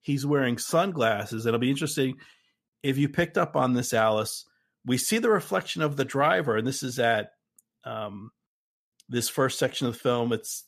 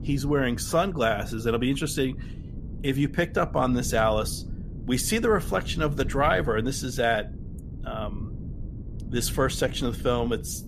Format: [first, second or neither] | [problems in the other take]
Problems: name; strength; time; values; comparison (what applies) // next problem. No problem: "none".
first | wind noise on the microphone; occasional gusts; 20 dB below the speech